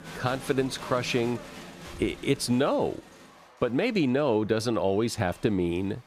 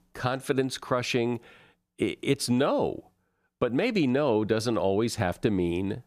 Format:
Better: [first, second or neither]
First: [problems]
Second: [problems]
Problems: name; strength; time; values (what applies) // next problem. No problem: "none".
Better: second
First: crowd noise; noticeable; throughout; 15 dB below the speech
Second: none